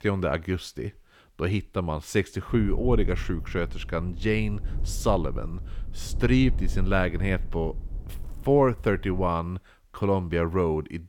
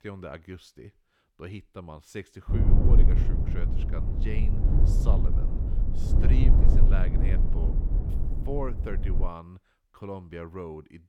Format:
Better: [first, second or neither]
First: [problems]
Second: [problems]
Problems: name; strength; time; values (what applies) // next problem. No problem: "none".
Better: first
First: low rumble; faint; from 2.5 to 9.5 s; 25 dB below the speech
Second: low rumble; loud; from 2.5 to 9.5 s; as loud as the speech